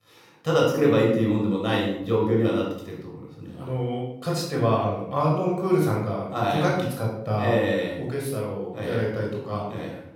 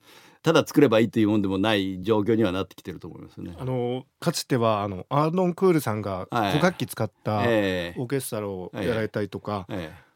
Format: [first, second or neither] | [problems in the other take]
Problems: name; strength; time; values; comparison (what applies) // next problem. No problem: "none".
second | off-mic speech; far // room echo; noticeable; dies away in 0.6 s